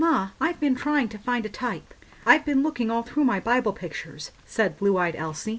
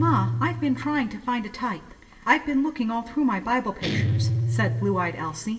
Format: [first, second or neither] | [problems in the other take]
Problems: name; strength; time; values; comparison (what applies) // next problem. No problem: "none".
first | background sound (Guitar); 3 dB below the speech // room echo; dies away in 1.3 s